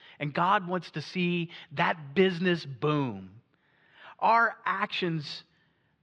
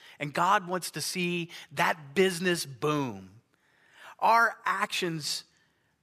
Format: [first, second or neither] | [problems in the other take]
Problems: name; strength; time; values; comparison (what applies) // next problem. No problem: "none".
second | muffled; slightly; fading above 3.5 kHz